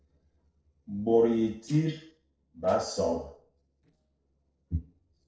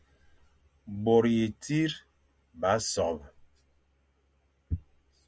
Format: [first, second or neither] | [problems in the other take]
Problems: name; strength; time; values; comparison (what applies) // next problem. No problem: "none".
second | noise reduction (neural separator model SepFormer DNS4)